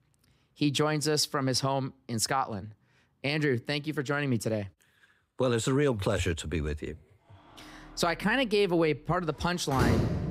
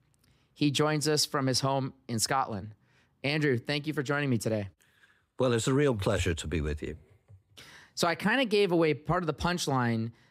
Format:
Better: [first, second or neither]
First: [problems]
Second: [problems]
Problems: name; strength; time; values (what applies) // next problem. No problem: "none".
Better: second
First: household noises; loud; from 8 s on; 3 dB below the speech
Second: none